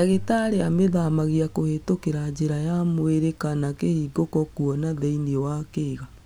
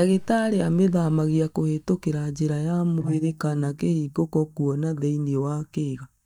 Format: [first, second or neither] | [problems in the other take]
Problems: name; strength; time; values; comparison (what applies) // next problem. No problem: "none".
first | noise reduction (neural mask model DeepFilterNet 3)